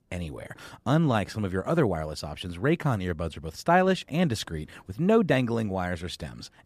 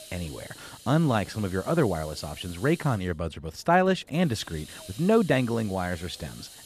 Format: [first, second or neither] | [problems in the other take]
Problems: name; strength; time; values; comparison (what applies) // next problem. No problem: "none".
first | hiss; noticeable; throughout; 20 dB below the speech